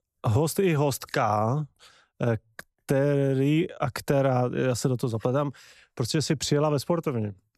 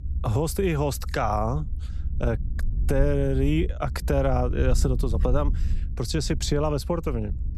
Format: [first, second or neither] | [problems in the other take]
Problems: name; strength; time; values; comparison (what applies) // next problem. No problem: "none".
first | low rumble; noticeable; throughout; 20 dB below the speech